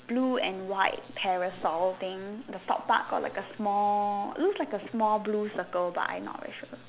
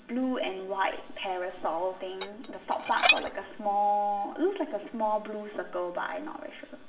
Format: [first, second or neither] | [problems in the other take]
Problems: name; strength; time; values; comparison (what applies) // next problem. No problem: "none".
first | background sound (Dishes, pots, and pans); 1 dB above the speech // room echo; dies away in 0.9 s